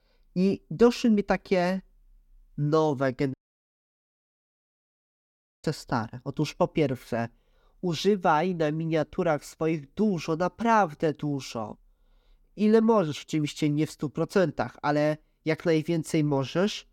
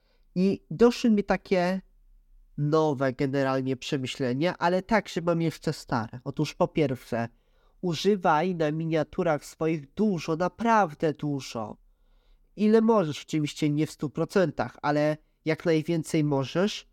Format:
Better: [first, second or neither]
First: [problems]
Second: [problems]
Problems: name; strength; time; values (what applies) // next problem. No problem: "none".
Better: second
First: audio cutting out; at 3.5 s for 2.5 s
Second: none